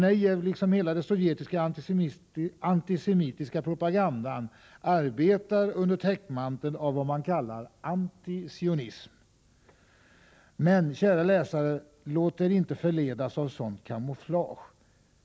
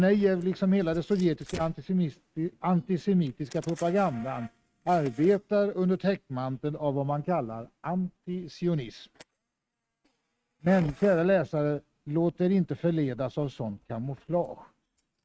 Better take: first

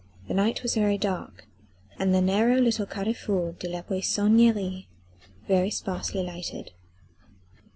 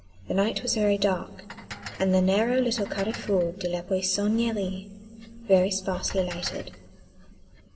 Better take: first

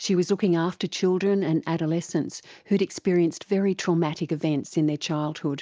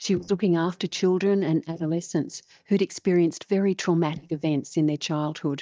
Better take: first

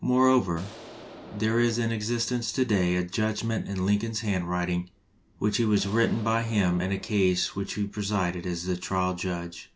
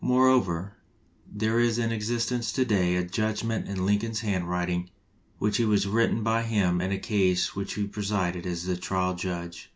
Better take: second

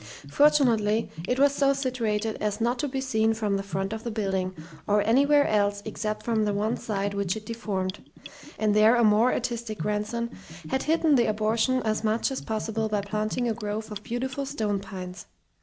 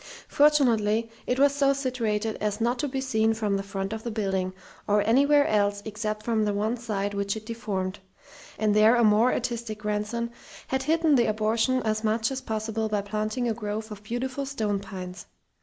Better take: second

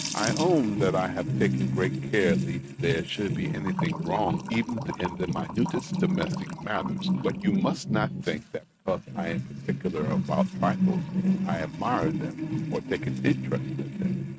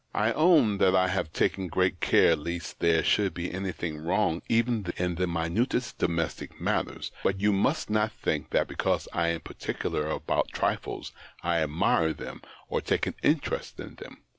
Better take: second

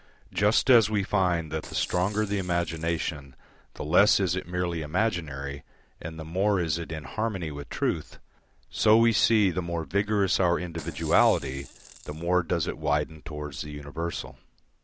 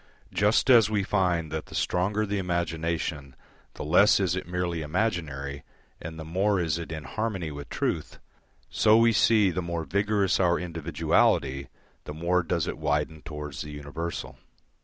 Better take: second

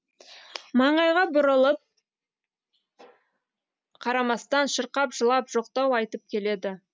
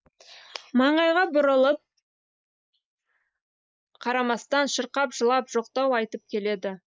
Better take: first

